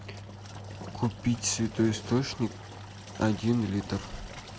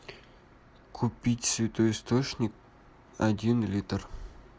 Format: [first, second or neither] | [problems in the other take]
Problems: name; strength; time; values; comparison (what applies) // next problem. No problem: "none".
second | background sound (Engine); 12 dB below the speech